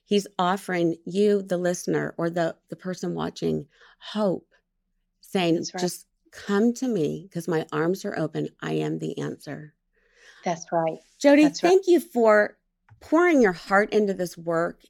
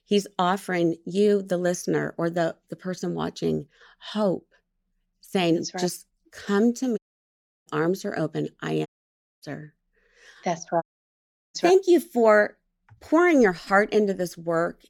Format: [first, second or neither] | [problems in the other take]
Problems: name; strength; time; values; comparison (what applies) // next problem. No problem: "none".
first | audio cutting out; at 7 s for 0.5 s, at 9 s for 0.5 s and at 11 s for 0.5 s